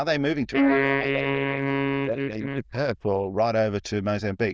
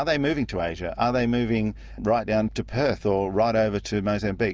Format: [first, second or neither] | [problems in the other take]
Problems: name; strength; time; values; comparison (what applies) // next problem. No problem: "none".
second | noise reduction (neural diffusion model UNIVERSE++)